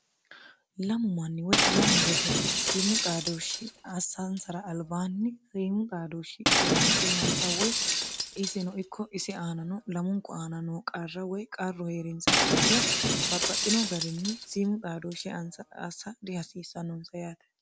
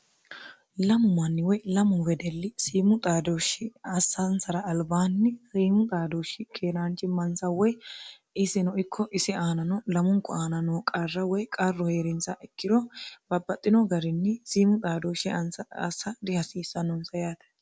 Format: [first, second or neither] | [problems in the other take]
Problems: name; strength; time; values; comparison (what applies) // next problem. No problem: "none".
second | background sound (Shatter); 5 dB above the speech